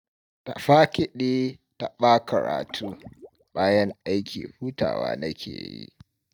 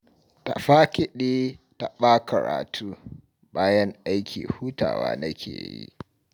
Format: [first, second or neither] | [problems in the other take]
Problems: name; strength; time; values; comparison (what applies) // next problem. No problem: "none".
second | noise reduction (neural mask model DeepFilterNet 3)